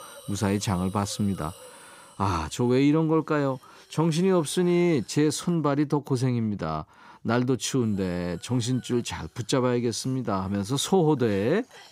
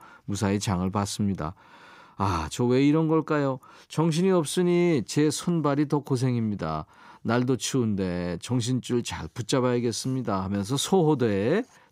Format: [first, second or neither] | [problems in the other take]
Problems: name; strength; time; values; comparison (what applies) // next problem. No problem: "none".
second | hiss; faint; until 5.5 s and from 8 s on; 25 dB below the speech